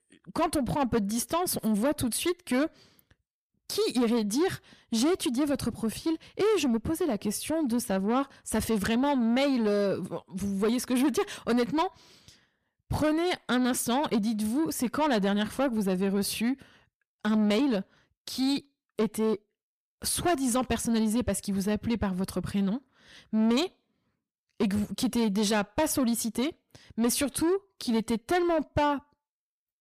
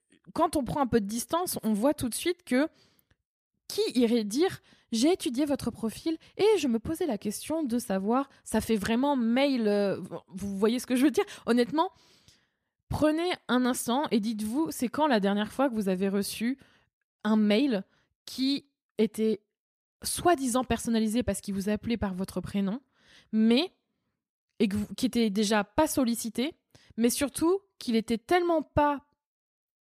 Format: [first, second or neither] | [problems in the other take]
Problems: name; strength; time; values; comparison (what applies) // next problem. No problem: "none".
second | distortion; slight; 10 dB below the speech